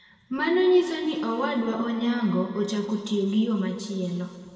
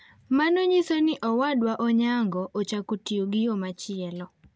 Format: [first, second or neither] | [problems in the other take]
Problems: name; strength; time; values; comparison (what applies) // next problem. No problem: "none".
second | room echo; dies away in 2.2 s